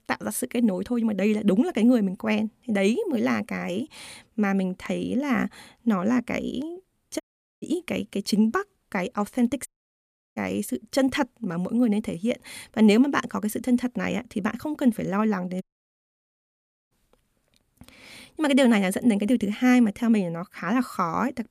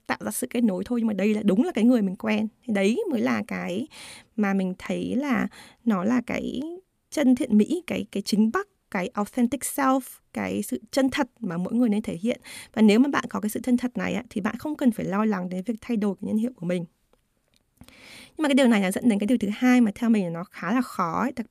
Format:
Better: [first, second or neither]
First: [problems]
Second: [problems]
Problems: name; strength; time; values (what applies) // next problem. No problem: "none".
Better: second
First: audio cutting out; at 7 s, at 9.5 s for 0.5 s and at 16 s for 1.5 s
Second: none